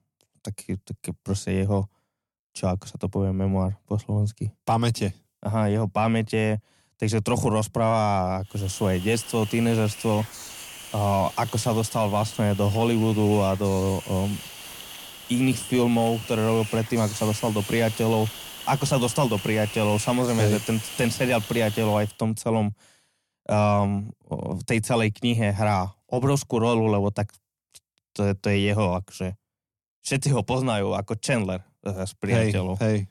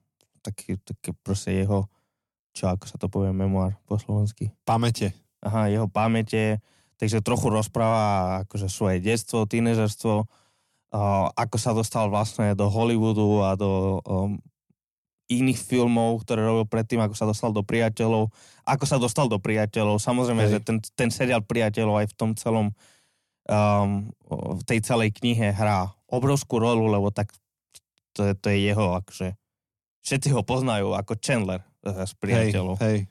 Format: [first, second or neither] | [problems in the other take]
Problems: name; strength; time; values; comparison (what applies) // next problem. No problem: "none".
second | hiss; noticeable; from 8.5 to 22 s; 10 dB below the speech